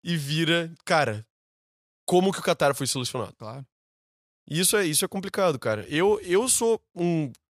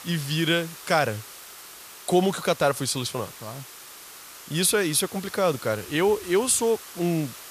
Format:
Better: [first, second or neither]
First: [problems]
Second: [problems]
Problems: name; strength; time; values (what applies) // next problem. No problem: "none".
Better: first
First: none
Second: hiss; noticeable; throughout; 15 dB below the speech